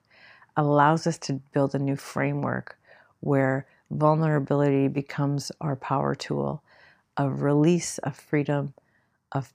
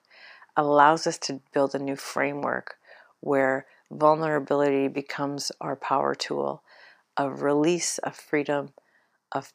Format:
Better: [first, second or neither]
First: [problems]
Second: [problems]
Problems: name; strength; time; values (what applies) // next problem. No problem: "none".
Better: first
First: none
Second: thin; somewhat; fading below 350 Hz